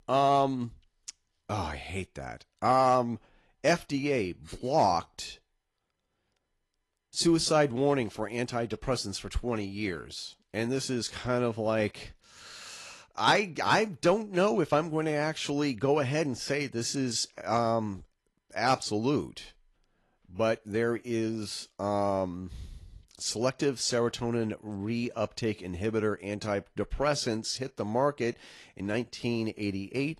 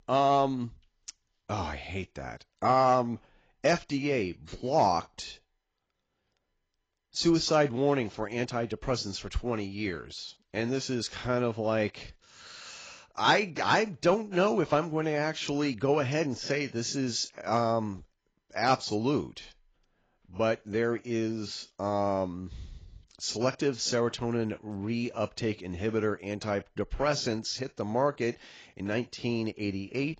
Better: first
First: garbled, watery; slightly; nothing above 11.5 kHz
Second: garbled, watery; badly; nothing above 7.5 kHz

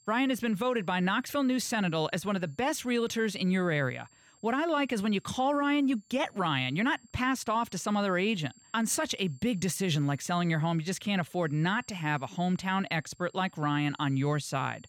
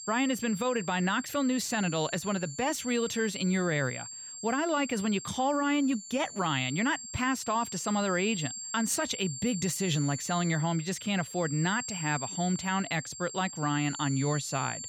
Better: first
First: high-pitched whine; faint; throughout; 7.5 kHz, 30 dB below the speech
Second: high-pitched whine; loud; throughout; 7.5 kHz, 9 dB below the speech

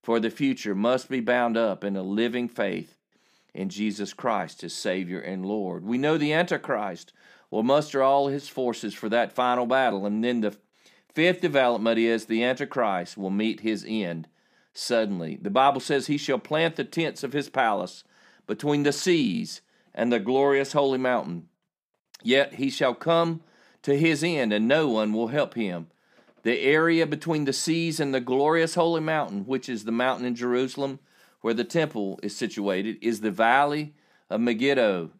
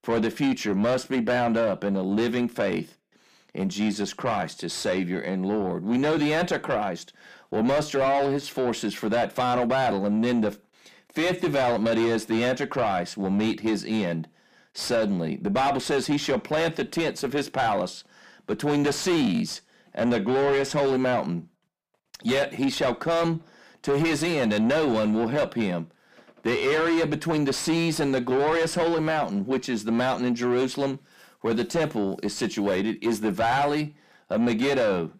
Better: first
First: none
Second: distortion; heavy; 7 dB below the speech

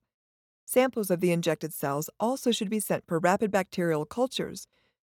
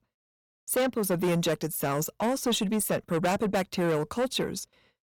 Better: first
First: none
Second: distortion; heavy; 7 dB below the speech

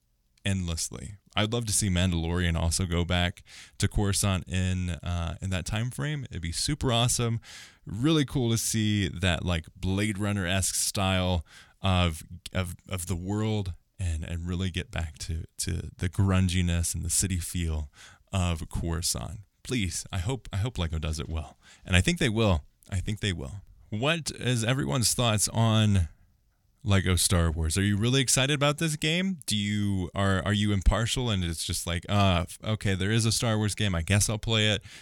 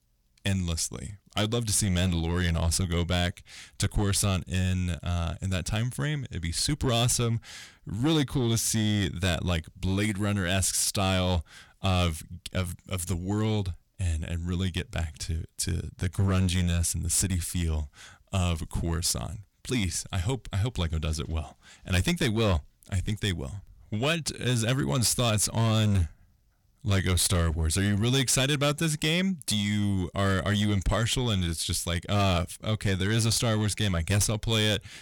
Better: first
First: none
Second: distortion; slight; 7% of the sound clipped

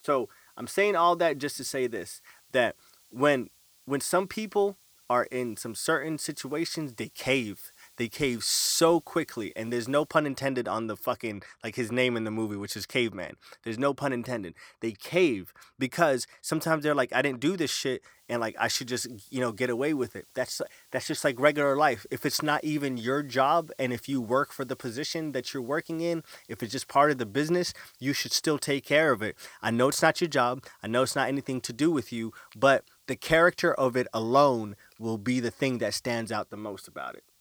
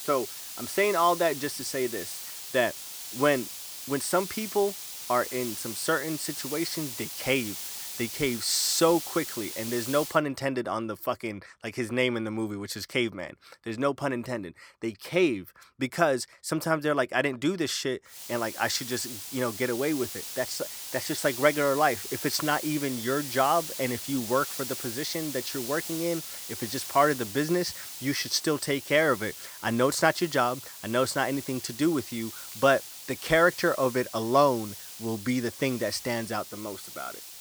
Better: first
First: hiss; faint; until 10 s and from 18 s on; 30 dB below the speech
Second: hiss; loud; until 10 s and from 18 s on; 8 dB below the speech

